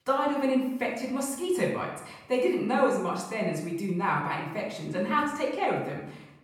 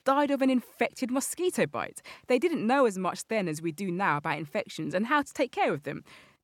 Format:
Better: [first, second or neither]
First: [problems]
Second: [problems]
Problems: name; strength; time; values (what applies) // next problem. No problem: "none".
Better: second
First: off-mic speech; far // room echo; noticeable; dies away in 0.7 s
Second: none